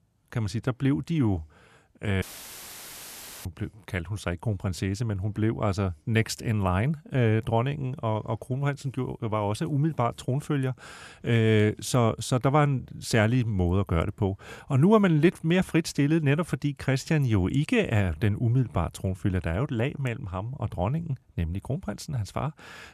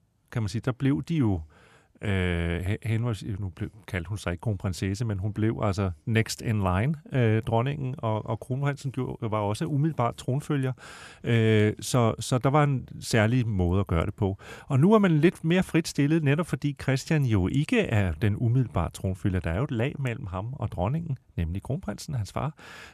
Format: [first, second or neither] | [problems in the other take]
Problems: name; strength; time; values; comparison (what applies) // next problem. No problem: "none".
second | audio cutting out; filled with static; at 2 s for 1 s